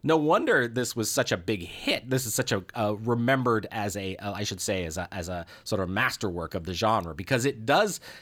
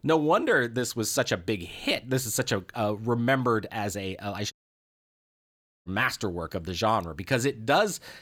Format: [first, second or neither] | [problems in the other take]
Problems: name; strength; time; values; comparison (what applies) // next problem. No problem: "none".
first | audio cutting out; at 4.5 s for 1.5 s